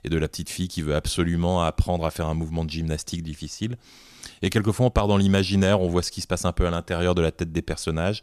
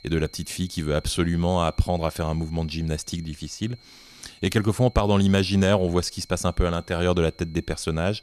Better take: first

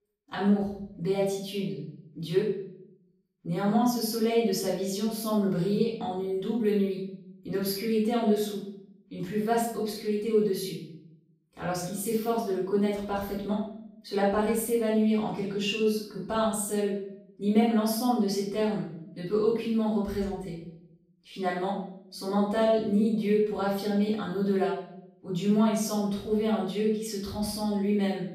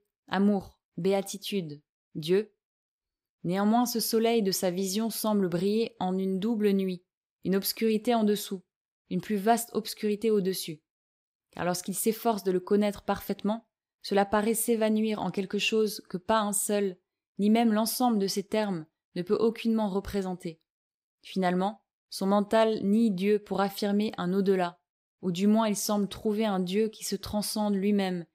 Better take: second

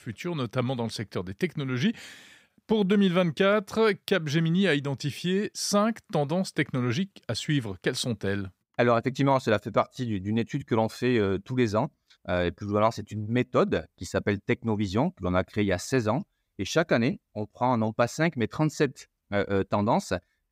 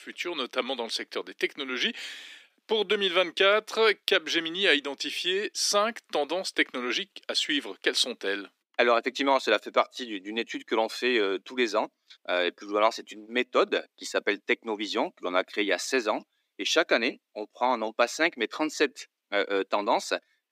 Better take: first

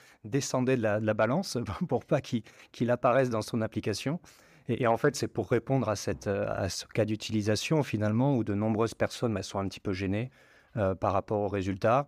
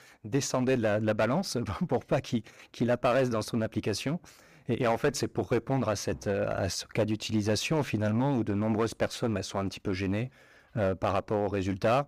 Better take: first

